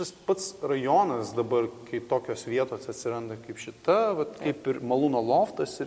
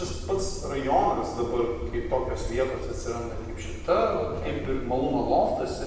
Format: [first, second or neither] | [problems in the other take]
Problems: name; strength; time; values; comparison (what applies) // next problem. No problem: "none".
first | background sound (Subway, metro, underground); 8 dB below the speech // room echo; dies away in 1.1 s